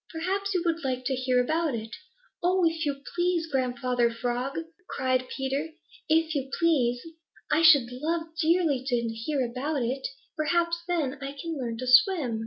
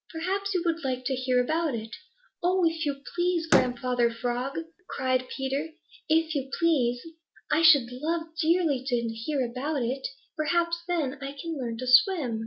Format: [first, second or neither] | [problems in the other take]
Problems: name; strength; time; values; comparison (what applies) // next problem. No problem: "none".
first | background sound (Slam); 7 dB below the speech